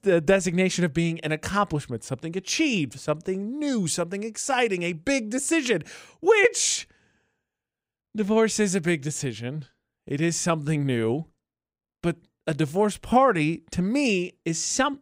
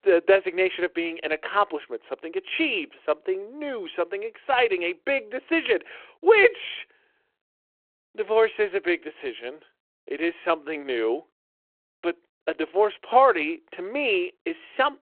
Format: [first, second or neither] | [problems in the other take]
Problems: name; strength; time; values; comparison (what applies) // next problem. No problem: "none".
first | phone-call audio